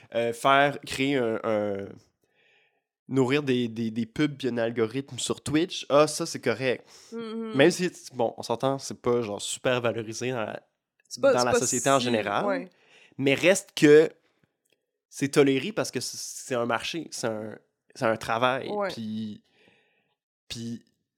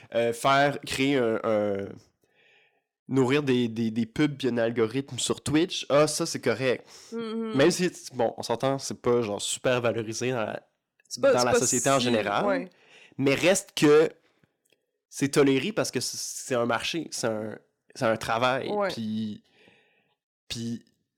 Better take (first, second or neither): first